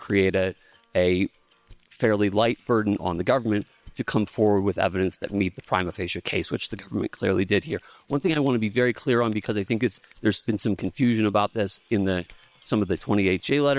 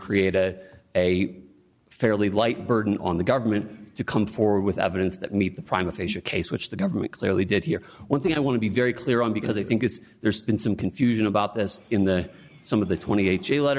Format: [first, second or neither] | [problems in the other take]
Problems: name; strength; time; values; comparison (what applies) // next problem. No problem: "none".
second | noise reduction (neural separator model SepFormer WHAM!)